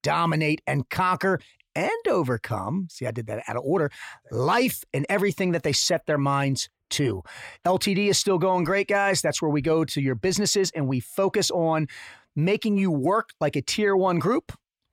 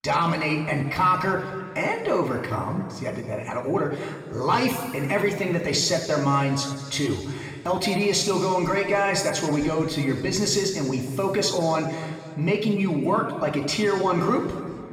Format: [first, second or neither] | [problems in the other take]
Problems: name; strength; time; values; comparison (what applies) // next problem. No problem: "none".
first | room echo; noticeable; dies away in 1.8 s // off-mic speech; far